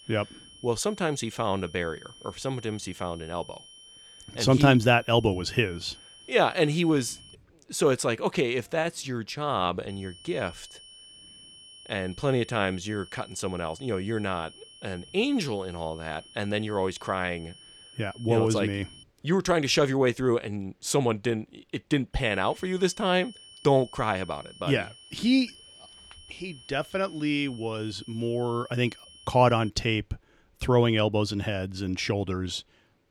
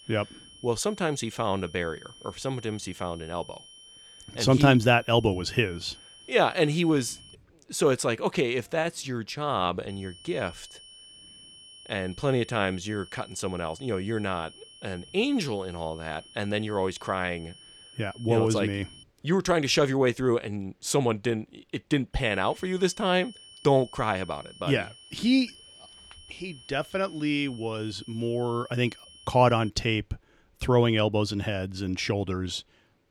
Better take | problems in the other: neither | high-pitched whine; faint; until 7.5 s, from 10 to 19 s and from 22 to 30 s; 3 kHz, 20 dB below the speech; the same in both

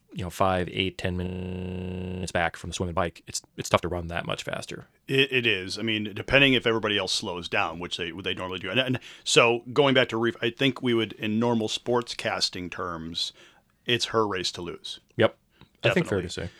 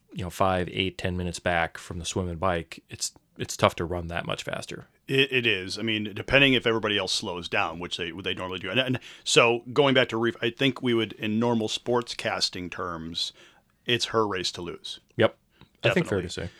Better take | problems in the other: second | audio freezing; at 1.5 s for 1 s

